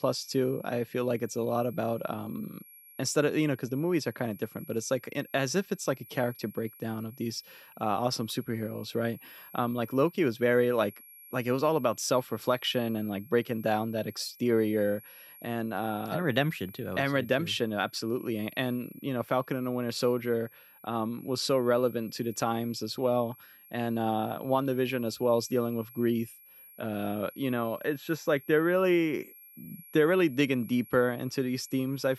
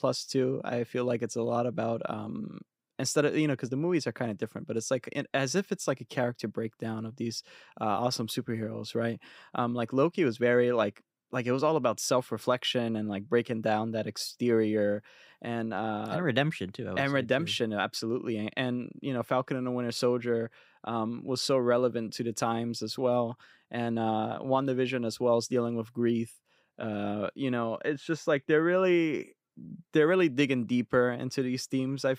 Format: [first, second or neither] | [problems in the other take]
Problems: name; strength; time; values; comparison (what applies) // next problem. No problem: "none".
second | high-pitched whine; faint; throughout; 11.5 kHz, 20 dB below the speech